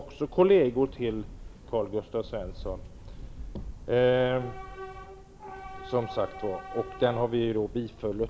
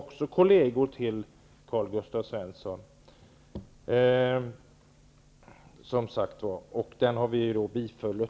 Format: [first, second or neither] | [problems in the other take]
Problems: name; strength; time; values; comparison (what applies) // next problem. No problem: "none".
second | background sound (Subway, metro, underground / Train); 13 dB below the speech